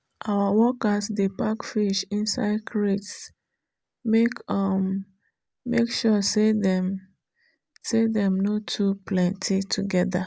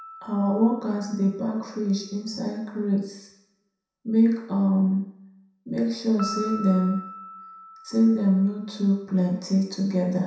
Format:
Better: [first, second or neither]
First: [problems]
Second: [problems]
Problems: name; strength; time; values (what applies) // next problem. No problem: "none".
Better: first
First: none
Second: background sound (Piano); 18 dB below the speech // room echo; dies away in 0.7 s